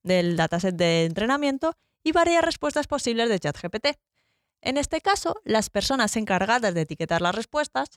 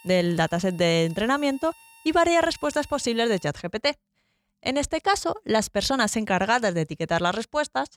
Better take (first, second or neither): first